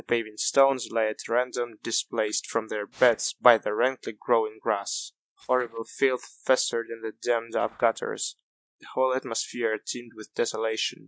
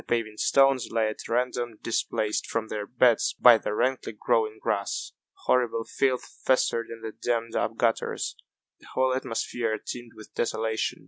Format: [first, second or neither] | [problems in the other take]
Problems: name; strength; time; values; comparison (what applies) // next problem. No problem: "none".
second | noise reduction (neural mask model DeepFilterNet 3)